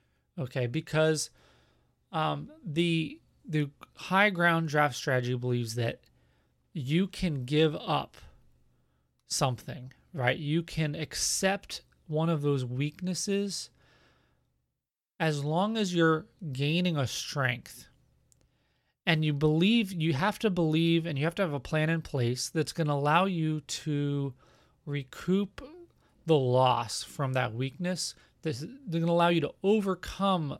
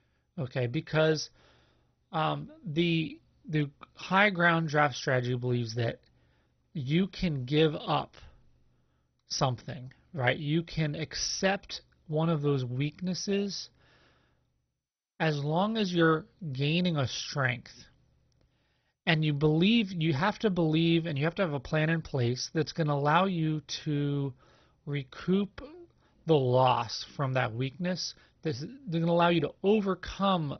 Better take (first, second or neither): first